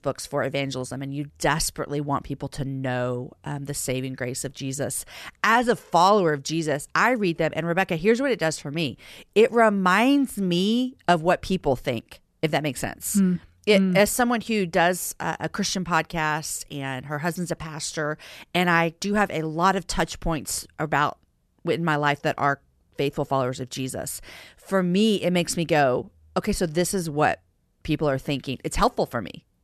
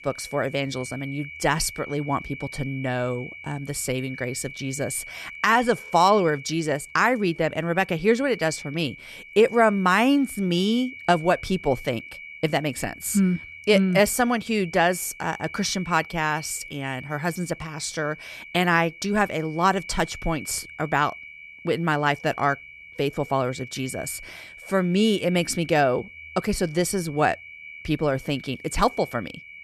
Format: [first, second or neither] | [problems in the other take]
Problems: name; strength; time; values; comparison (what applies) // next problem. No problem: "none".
first | high-pitched whine; noticeable; throughout; 2.5 kHz, 15 dB below the speech